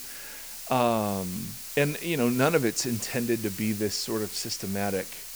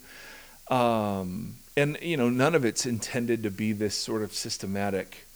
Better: second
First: hiss; loud; throughout; 9 dB below the speech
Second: hiss; faint; throughout; 20 dB below the speech

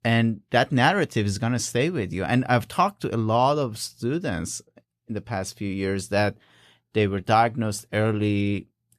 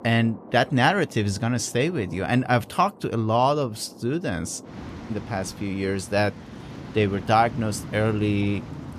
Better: first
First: none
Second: rain or running water; noticeable; throughout; 15 dB below the speech

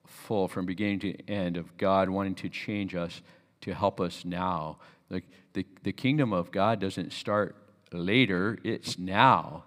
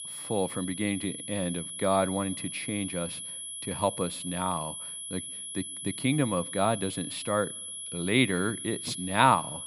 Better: first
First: none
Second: high-pitched whine; loud; throughout; 11 kHz, 6 dB below the speech

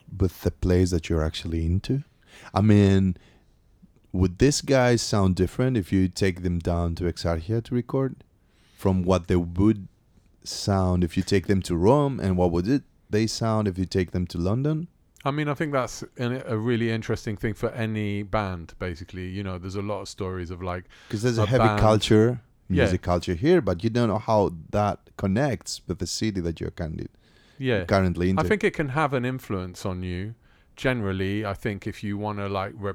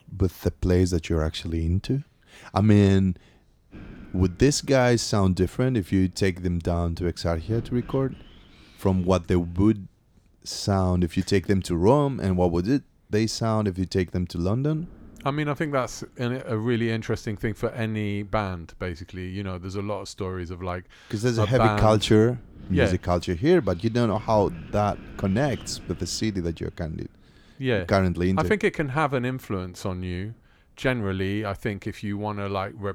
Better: first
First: none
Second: wind noise on the microphone; occasional gusts; from 3.5 to 9.5 s, from 15 to 19 s and from 21 to 30 s; 25 dB below the speech

